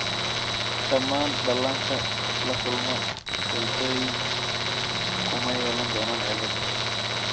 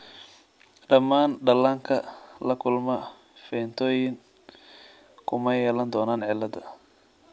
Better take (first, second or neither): second